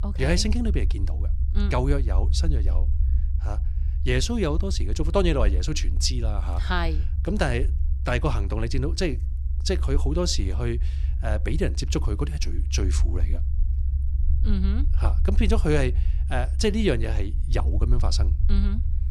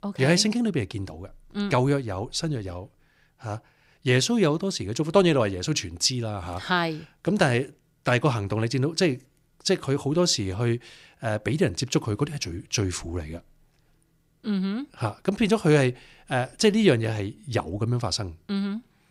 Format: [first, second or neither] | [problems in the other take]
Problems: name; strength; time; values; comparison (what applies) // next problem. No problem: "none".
second | low rumble; noticeable; throughout; 15 dB below the speech